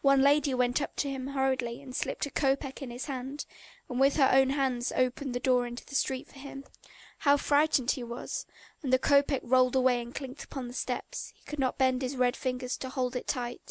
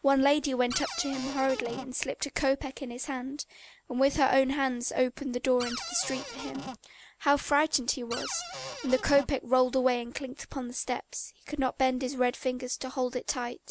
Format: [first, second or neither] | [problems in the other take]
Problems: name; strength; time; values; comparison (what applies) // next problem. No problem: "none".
first | background sound (Cupboard open or close); 9 dB below the speech